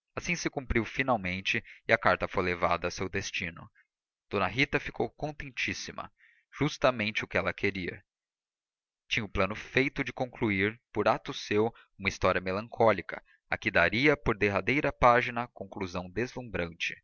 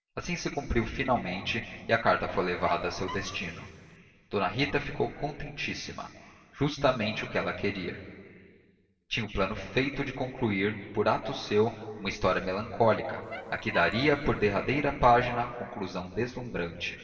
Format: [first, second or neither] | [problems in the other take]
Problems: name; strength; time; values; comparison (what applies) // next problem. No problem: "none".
first | background sound (Squeak); 15 dB below the speech // room echo; dies away in 2.2 s